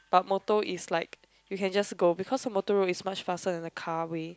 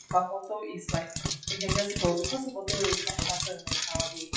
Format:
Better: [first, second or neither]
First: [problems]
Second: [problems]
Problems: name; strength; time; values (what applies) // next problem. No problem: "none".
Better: first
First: none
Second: noise reduction (classical method WPE with log-MMSE)